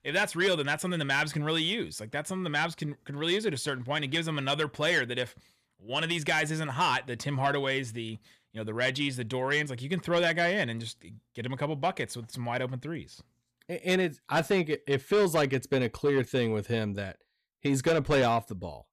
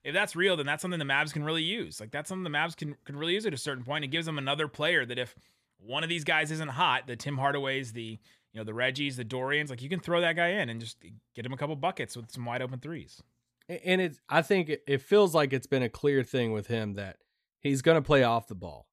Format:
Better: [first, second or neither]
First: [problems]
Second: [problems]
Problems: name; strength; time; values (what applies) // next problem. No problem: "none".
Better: second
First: distortion; slight; 10 dB below the speech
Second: none